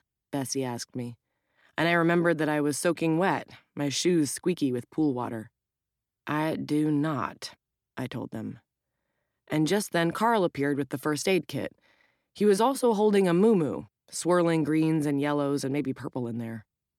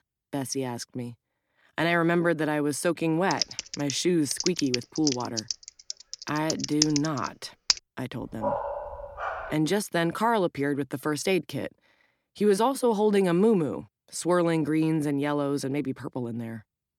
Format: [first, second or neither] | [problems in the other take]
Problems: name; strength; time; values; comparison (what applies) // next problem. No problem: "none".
first | keyboard typing; loud; from 3.5 to 7.5 s; peak 1 dB above the speech // dog barking; noticeable; from 8.5 to 9.5 s; peak 3 dB below the speech